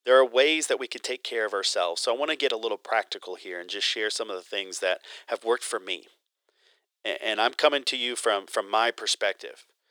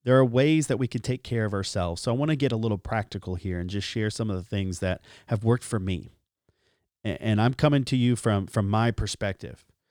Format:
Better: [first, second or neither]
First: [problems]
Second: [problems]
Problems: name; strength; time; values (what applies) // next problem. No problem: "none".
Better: second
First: thin; very; fading below 400 Hz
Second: none